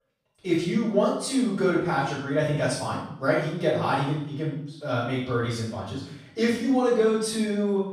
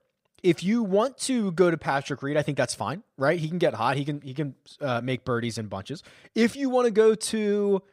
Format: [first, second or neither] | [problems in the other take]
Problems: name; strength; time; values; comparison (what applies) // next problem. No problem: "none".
second | room echo; noticeable; dies away in 0.6 s // off-mic speech; far